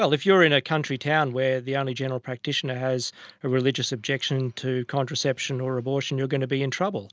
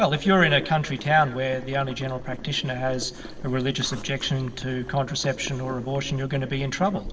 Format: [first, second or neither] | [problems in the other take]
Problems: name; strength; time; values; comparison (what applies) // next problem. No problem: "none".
first | background sound (Boiling); 13 dB below the speech // room echo; dies away in 2.4 s